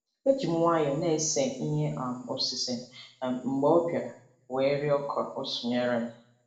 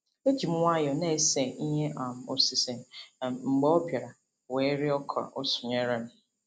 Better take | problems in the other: second | room echo; dies away in 0.6 s

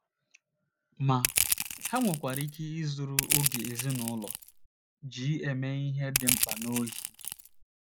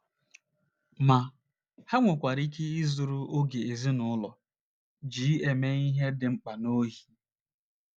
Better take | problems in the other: second | background sound (Crushing); 2 dB above the speech

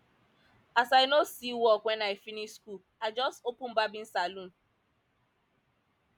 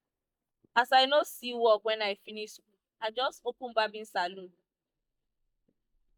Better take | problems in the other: first | noise reduction (neural mask model DeepFilterNet 3)

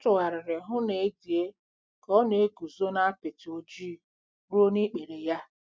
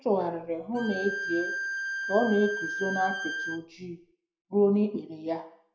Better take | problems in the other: first | background sound (Bowed string instrument); 5 dB below the speech // room echo; dies away in 0.5 s

